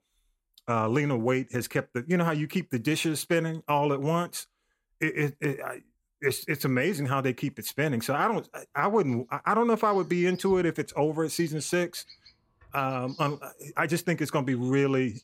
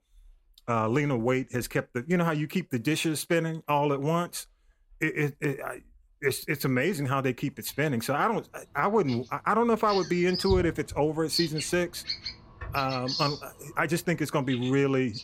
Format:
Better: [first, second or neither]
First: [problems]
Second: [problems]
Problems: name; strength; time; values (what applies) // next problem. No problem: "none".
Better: first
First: animal sounds; faint; throughout; 25 dB below the speech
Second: animal sounds; loud; throughout; 8 dB below the speech